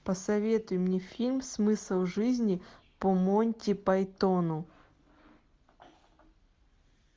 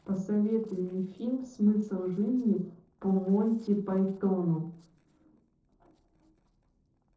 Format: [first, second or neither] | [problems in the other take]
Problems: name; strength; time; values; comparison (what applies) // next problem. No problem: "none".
first | noise reduction (neural separator model SepFormer DNS4)